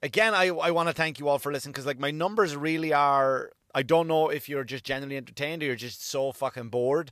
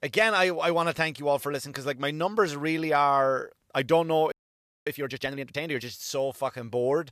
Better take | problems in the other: first | audio freezing; at 4.5 s for 0.5 s

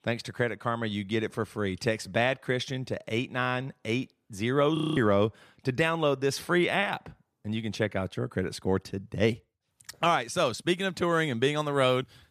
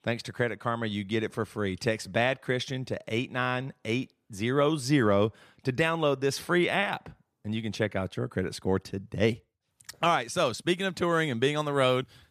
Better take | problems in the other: second | audio freezing; at 5 s

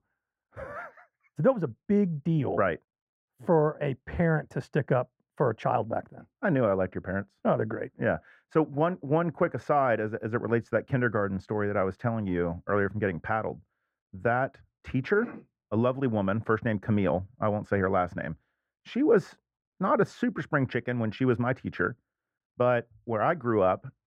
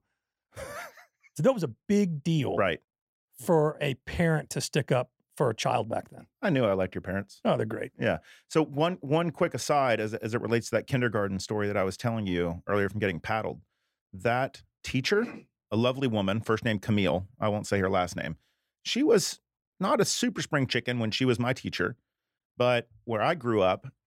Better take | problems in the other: second | muffled; very; fading above 2.5 kHz

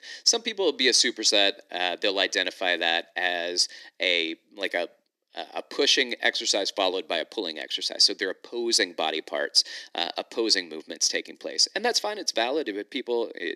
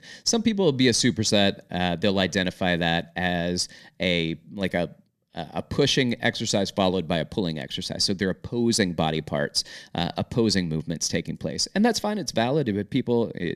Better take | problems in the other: second | thin; somewhat; fading below 300 Hz

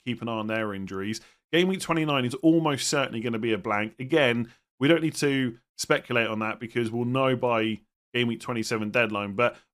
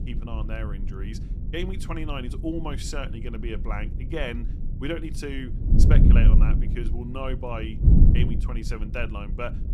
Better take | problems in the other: first | wind noise on the microphone; heavy; 4 dB below the speech

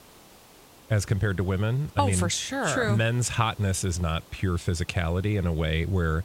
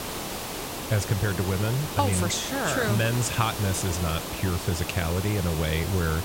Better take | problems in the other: first | hiss; loud; throughout; 6 dB below the speech; faint in the first

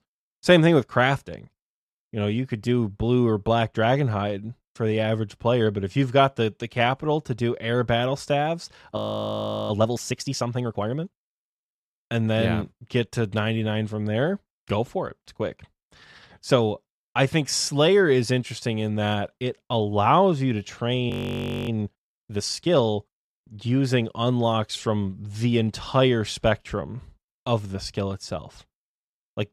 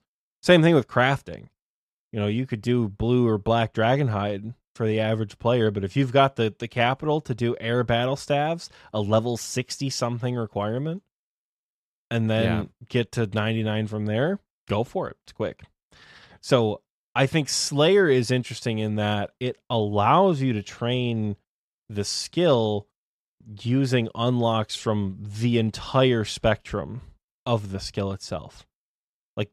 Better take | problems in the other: second | audio freezing; at 9 s for 0.5 s and at 21 s for 0.5 s

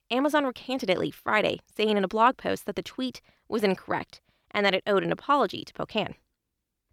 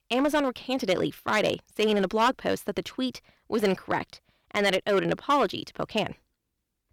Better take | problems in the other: first | distortion; slight; 3% of the sound clipped

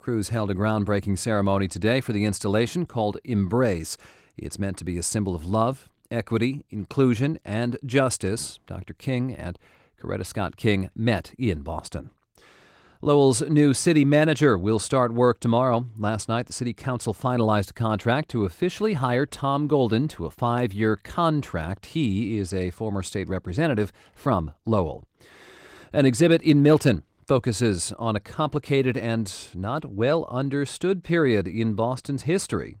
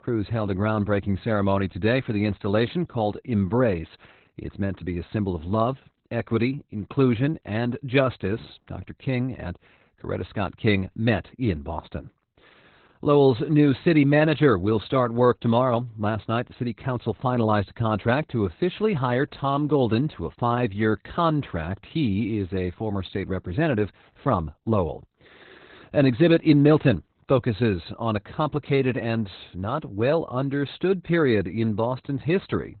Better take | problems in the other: first | garbled, watery; badly; nothing above 4 kHz; slightly in the first

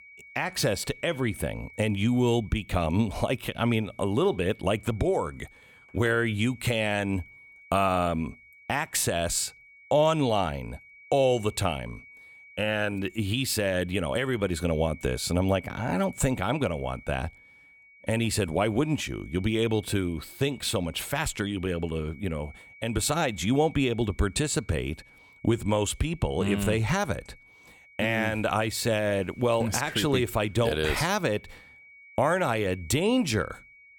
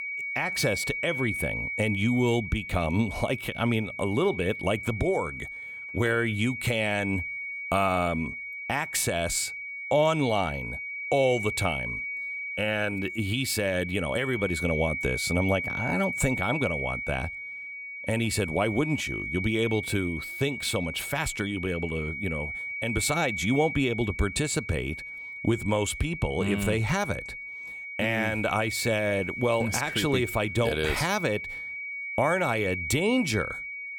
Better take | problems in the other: first | high-pitched whine; loud; throughout; 2.5 kHz, 5 dB below the speech; faint in the first

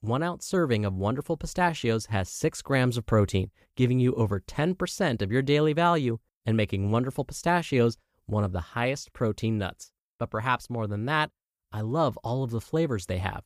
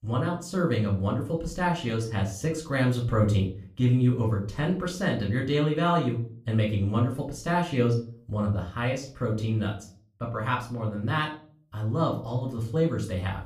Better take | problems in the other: first | off-mic speech; somewhat distant // room echo; slight; dies away in 0.4 s

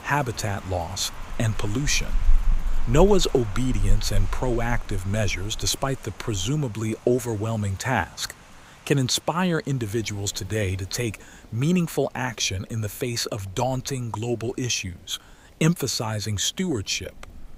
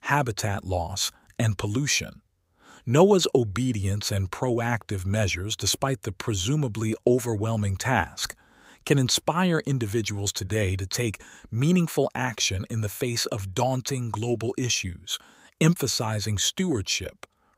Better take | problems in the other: second | rain or running water; loud; throughout; 8 dB below the speech

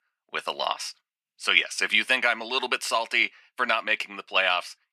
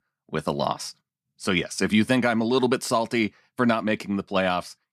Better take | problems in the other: second | thin; very; fading below 650 Hz

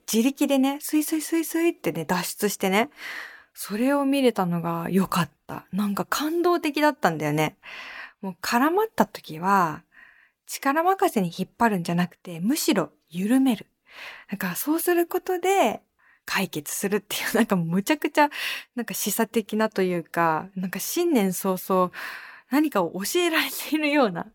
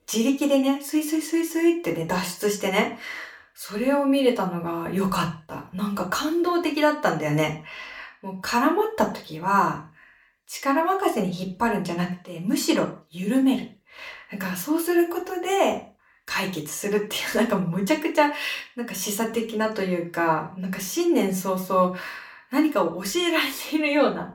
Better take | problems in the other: first | room echo; slight; dies away in 0.3 s // off-mic speech; somewhat distant

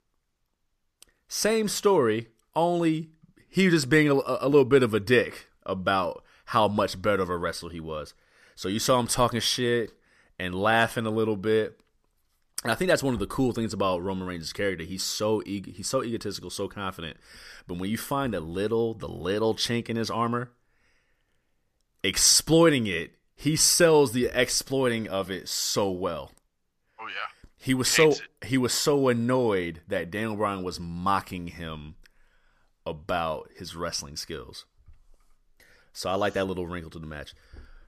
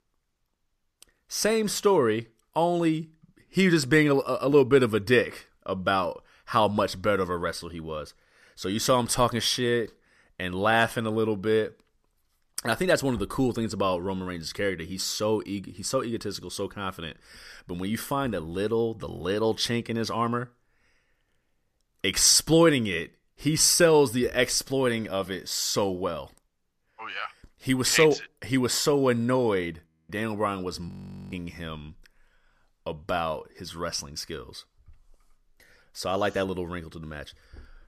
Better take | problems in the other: first | audio freezing; at 30 s and at 31 s

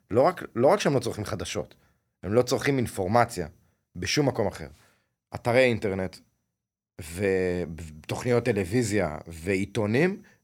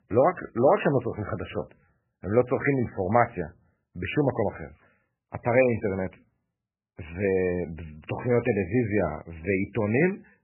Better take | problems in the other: first | garbled, watery; badly; nothing above 2.5 kHz

